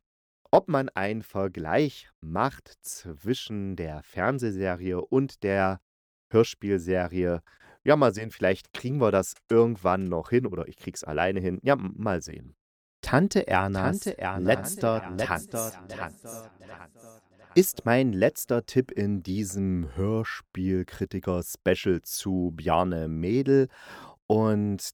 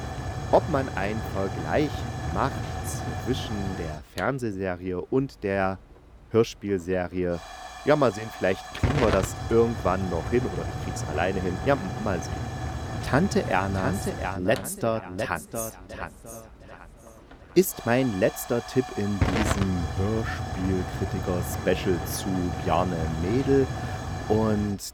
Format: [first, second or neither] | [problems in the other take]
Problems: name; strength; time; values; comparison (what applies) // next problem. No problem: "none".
first | hiss; loud; throughout; 6 dB below the speech